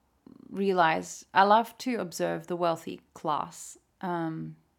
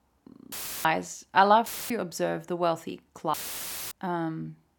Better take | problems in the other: first | audio cutting out; filled with static; at 0.5 s, at 1.5 s and at 3.5 s for 0.5 s

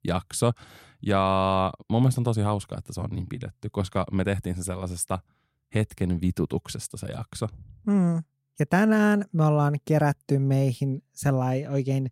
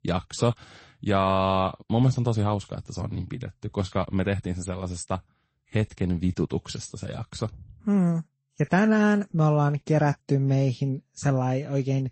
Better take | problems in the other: first | garbled, watery; slightly; nothing above 8 kHz

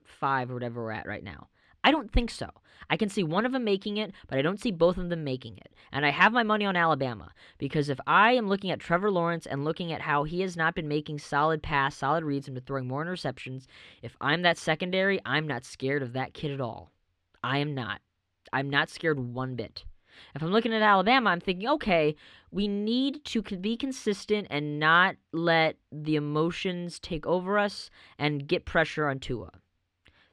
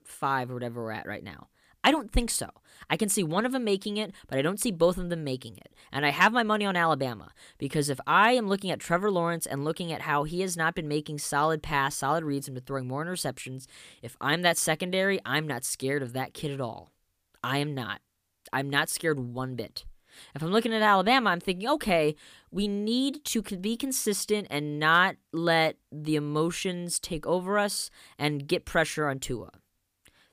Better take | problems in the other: second | muffled; very slightly; fading above 3 kHz

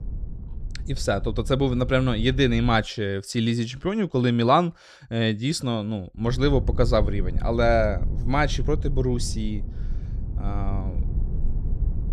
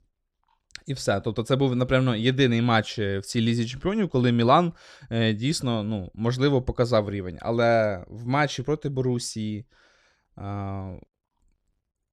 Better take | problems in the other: second | low rumble; faint; until 3 s and from 6 s on; 20 dB below the speech

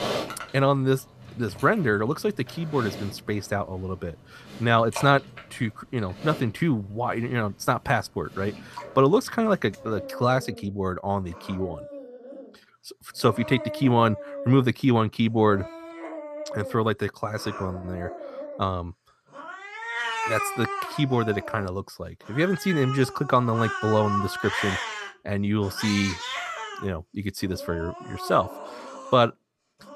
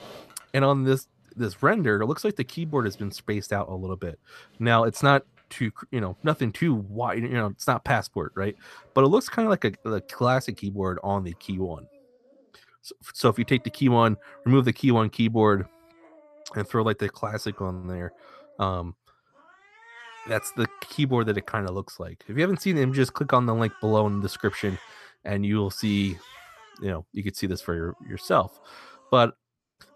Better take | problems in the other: second | animal sounds; loud; throughout; 9 dB below the speech; faint in the second

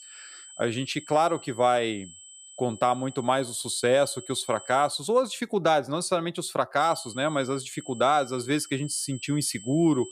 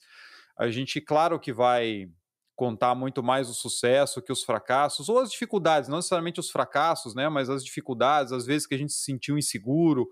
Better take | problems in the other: second | high-pitched whine; noticeable; until 5 s and from 7 s on; 7.5 kHz, 15 dB below the speech

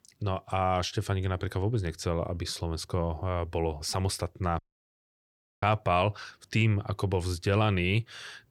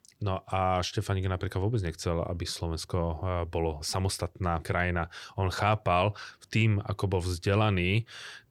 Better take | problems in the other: second | audio cutting out; at 4.5 s for 1 s

